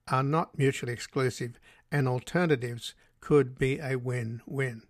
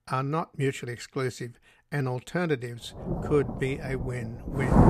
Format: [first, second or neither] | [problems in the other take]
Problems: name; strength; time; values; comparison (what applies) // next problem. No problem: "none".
first | rain or running water; very loud; from 3 s on; as loud as the speech